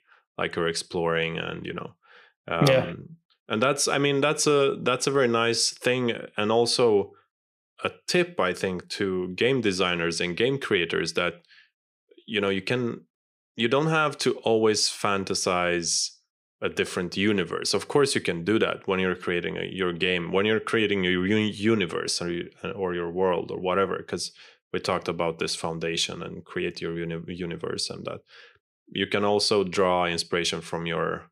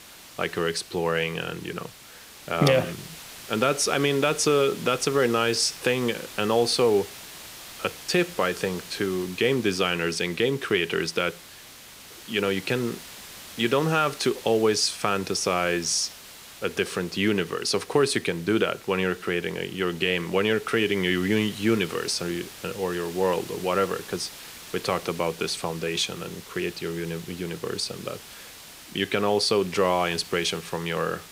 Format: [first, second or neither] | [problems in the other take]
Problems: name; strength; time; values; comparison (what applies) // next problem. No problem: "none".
first | hiss; noticeable; throughout; 15 dB below the speech